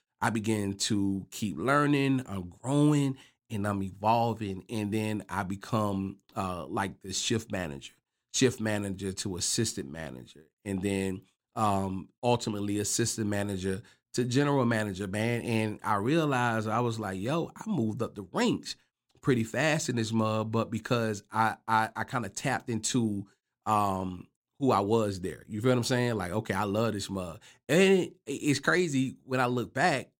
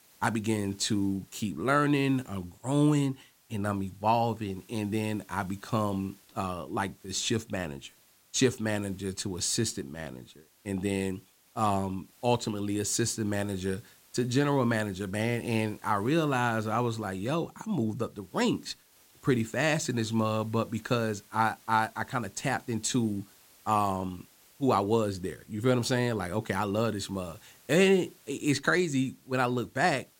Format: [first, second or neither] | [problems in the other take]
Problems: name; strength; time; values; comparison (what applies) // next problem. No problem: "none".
first | hiss; faint; throughout; 30 dB below the speech